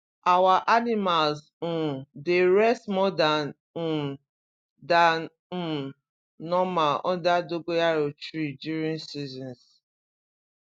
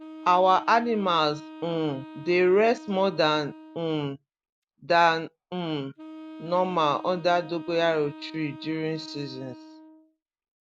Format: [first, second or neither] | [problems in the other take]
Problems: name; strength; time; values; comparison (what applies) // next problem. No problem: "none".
first | background sound (Wind instrument, woodwind instrument); 17 dB below the speech